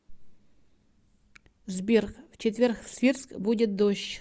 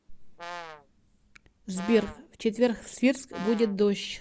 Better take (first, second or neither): first